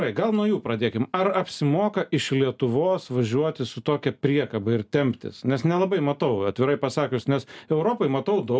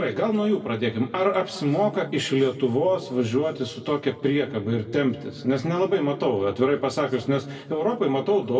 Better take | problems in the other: first | room echo; dies away in 1.1 s

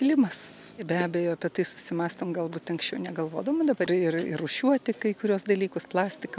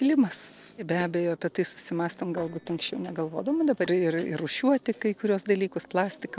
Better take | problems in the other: first | noise reduction (neural separator model SepFormer DNS4)

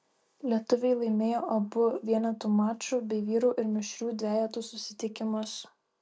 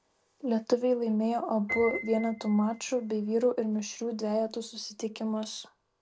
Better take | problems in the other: first | background sound (Piano); 16 dB below the speech

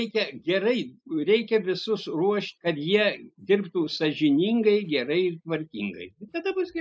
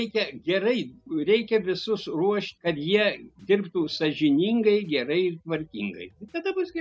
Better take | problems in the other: second | noise reduction (neural mask model Resemble Enhance denoiser)

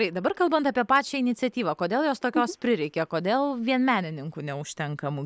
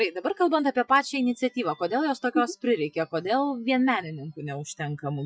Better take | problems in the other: first | noise reduction (classical method Wiener filter)

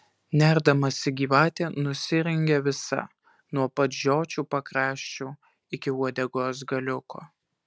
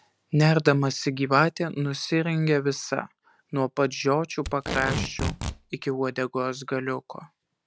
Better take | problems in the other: first | background sound (Packing tape, duct tape); 5 dB below the speech

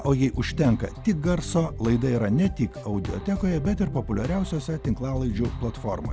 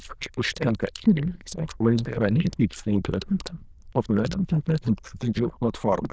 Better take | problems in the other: first | noise reduction (neural diffusion model UNIVERSE++)

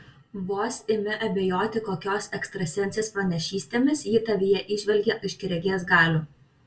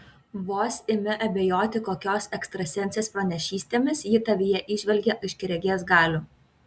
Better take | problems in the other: second | room echo; dies away in 0.2 s

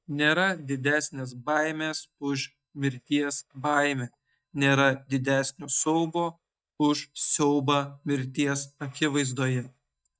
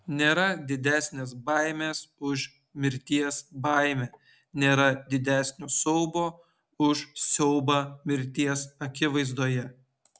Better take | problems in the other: second | noise reduction (neural mask model DeepFilterNet 3)

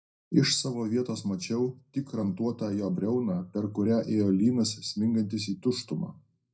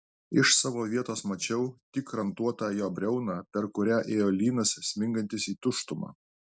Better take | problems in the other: second | room echo; dies away in 0.4 s

